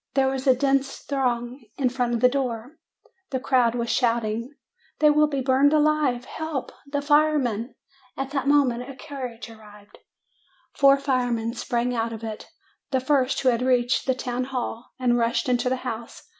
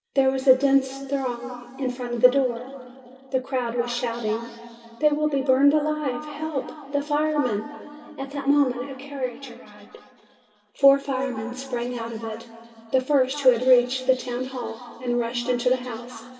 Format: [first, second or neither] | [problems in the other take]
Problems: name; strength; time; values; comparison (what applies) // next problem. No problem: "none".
first | room echo; dies away in 2.9 s